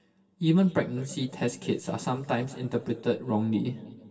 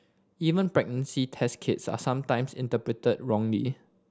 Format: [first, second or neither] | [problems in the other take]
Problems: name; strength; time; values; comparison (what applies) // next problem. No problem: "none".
second | room echo; dies away in 2.2 s